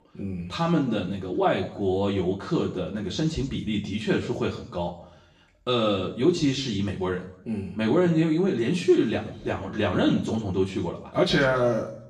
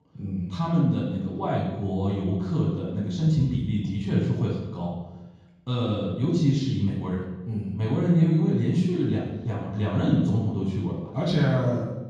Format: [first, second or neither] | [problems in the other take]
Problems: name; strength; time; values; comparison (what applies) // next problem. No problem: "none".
first | room echo; strong; dies away in 1.3 s; slight in the first // off-mic speech; far; far in the first